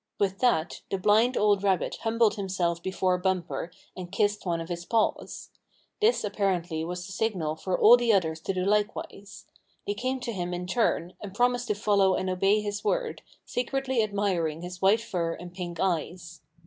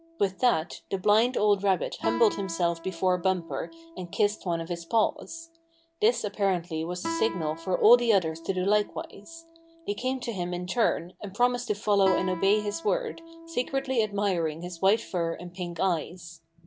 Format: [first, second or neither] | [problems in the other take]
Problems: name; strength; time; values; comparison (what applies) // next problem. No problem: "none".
first | background sound (Guitar); 15 dB below the speech